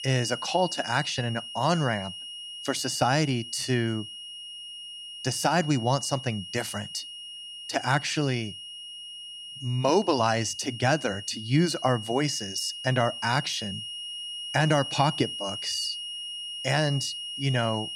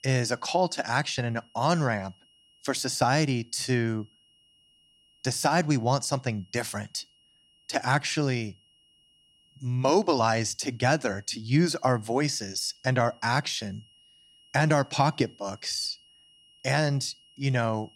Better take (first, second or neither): second